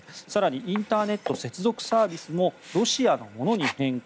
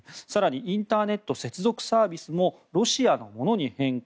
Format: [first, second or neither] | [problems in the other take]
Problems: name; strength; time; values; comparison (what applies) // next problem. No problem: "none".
second | background sound (Sink (filling or washing)); 14 dB below the speech